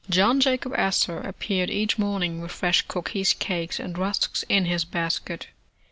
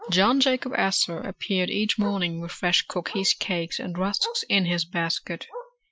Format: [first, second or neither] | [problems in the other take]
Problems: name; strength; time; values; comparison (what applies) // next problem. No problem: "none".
first | noise reduction (classical method Wiener filter)